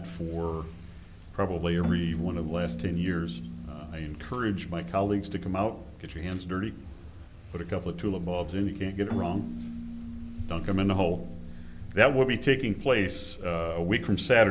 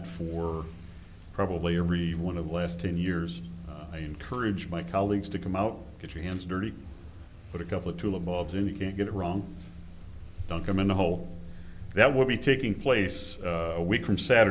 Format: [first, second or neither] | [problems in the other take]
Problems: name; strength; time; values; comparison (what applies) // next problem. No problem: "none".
second | background sound (Keyboard (musical)); 14 dB below the speech